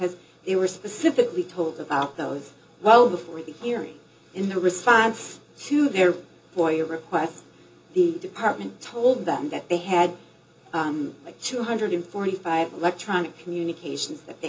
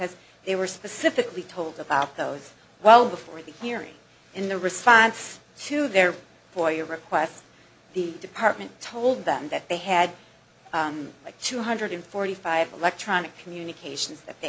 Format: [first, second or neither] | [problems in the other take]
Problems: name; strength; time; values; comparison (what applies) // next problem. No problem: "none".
second | room echo; dies away in 0.2 s